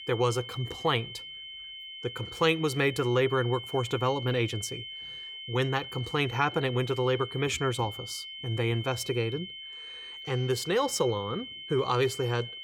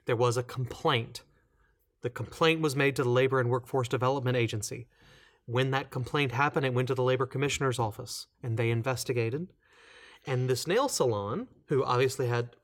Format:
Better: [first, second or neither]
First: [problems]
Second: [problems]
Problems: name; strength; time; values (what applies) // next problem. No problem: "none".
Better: second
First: high-pitched whine; noticeable; throughout; 3 kHz, 10 dB below the speech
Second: none